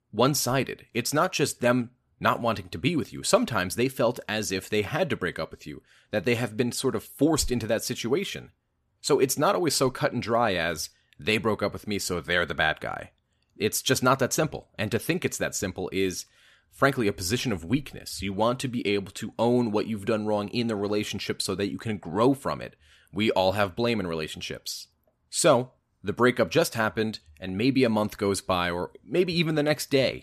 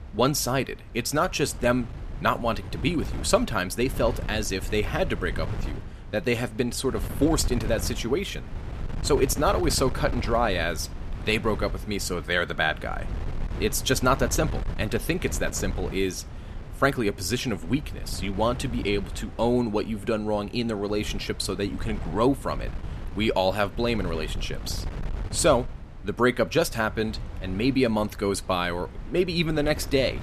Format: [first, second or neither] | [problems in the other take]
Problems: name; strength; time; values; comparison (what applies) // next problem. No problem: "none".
first | wind noise on the microphone; occasional gusts; 15 dB below the speech